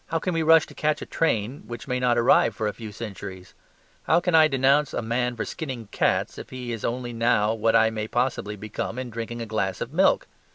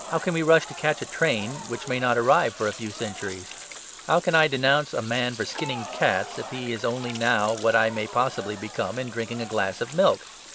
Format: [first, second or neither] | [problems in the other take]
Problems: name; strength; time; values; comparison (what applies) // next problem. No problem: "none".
first | background sound (Sink (filling or washing) / Water tap, faucet + Crowd); 14 dB below the speech